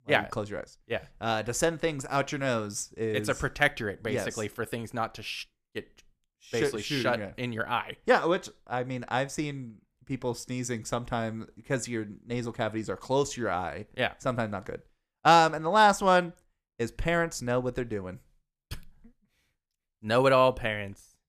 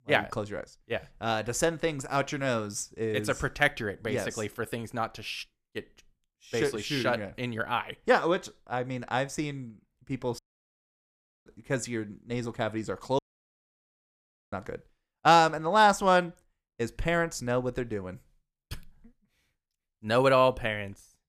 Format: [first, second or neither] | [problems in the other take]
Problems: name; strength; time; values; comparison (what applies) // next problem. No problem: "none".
first | audio cutting out; at 10 s for 1 s and at 13 s for 1.5 s